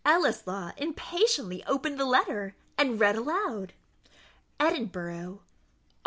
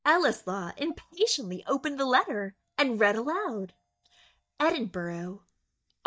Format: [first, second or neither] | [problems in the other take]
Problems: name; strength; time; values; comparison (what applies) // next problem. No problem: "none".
first | noise reduction (neural mask model DeepFilterNet 3)